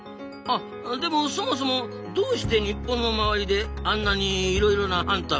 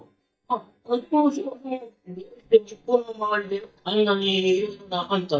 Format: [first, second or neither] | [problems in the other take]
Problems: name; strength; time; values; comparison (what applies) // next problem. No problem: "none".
first | noise reduction (neural mask model DeepFilterNet 3)